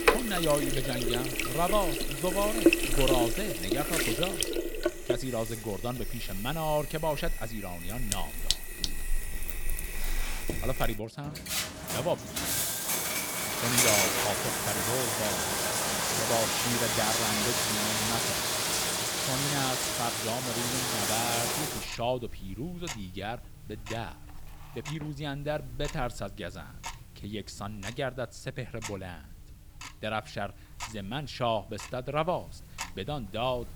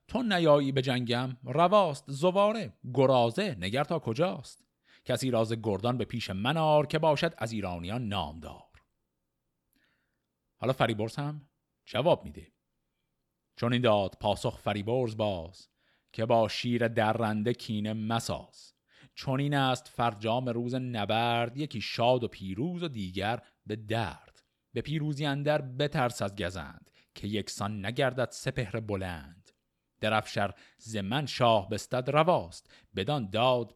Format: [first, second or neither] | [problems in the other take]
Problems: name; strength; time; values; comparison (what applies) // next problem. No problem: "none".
second | household noises; very loud; throughout; 5 dB above the speech